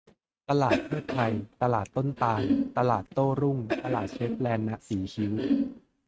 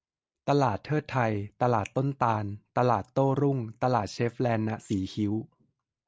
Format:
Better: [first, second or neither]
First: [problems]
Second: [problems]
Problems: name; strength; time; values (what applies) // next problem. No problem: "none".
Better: second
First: noise reduction (neural mask model RNNoise)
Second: none